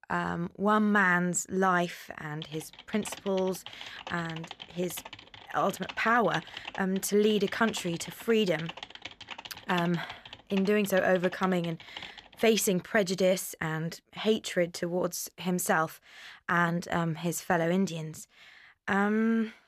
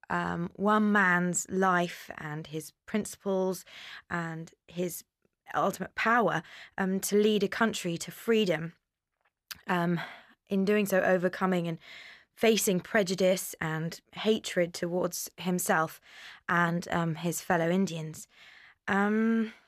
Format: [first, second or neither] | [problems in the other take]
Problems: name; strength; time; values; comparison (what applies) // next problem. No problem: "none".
second | keyboard typing; faint; from 2.5 to 12 s; peak 10 dB below the speech